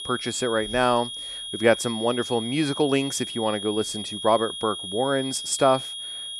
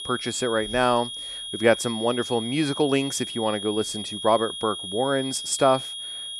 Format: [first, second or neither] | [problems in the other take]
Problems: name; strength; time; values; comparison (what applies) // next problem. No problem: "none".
neither | high-pitched whine; loud; throughout; 3.5 kHz, 7 dB below the speech; the same in both